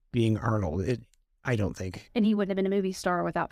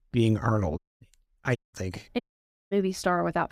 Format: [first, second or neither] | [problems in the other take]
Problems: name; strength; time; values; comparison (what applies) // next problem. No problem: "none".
first | audio cutting out; at 1 s, at 1.5 s and at 2 s for 0.5 s